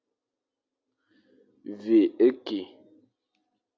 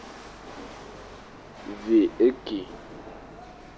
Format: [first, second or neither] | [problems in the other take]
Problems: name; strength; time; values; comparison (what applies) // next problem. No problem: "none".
first | background sound (Rattle / Chatter / Hiss / Engine / Mechanisms); 15 dB below the speech